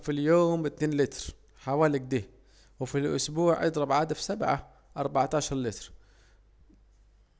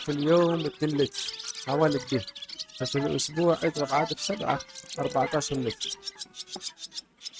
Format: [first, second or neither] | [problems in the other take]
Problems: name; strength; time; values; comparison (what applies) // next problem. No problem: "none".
first | noise reduction (neural mask model RNNoise)